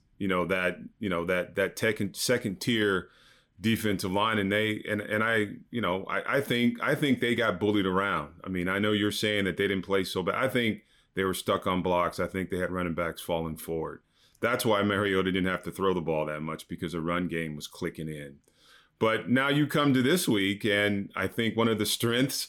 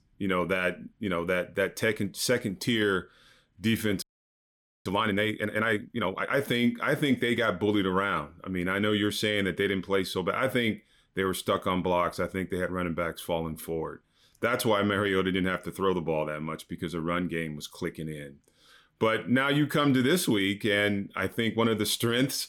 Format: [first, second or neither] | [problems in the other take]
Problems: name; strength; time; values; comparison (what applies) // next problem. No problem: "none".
first | audio freezing; at 4 s for 1 s